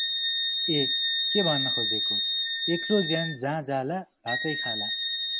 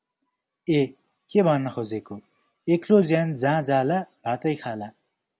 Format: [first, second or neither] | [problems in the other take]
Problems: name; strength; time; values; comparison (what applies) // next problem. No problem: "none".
second | background sound (Wind instrument, woodwind instrument); 4 dB above the speech